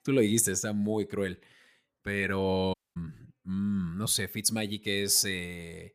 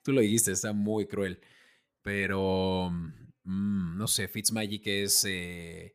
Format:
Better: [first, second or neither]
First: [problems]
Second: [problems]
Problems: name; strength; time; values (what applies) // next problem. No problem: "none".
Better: second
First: audio cutting out; at 2.5 s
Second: none